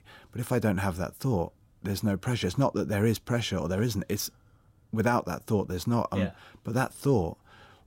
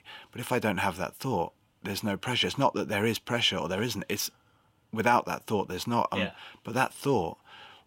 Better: first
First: none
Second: thin; very slightly; fading below 500 Hz

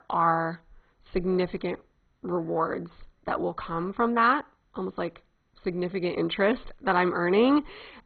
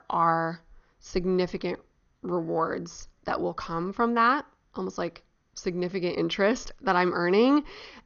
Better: second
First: garbled, watery; badly; nothing above 4 kHz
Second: garbled, watery; slightly; nothing above 6.5 kHz

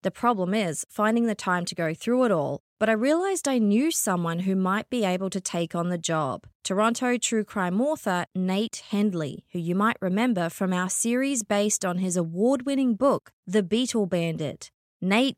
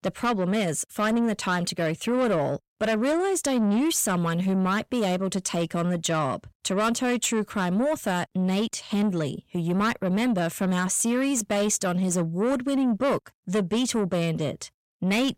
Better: first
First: none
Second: distortion; slight; 10 dB below the speech

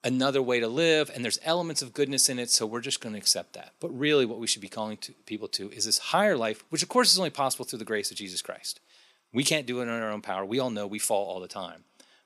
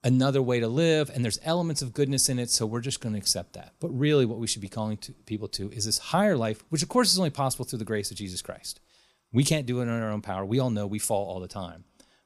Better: second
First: thin; very slightly; fading below 250 Hz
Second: none

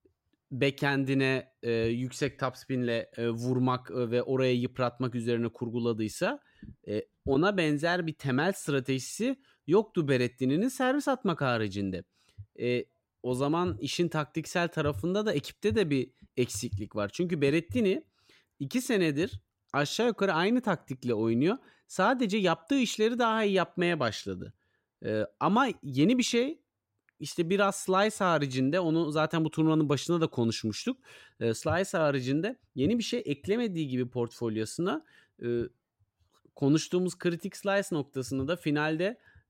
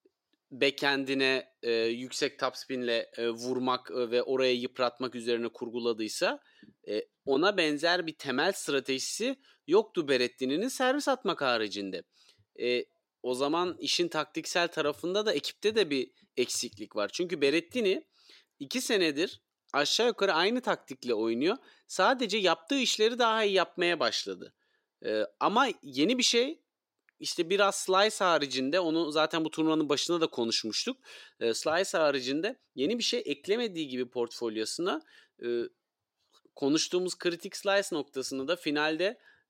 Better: first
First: none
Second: thin; very slightly; fading below 350 Hz

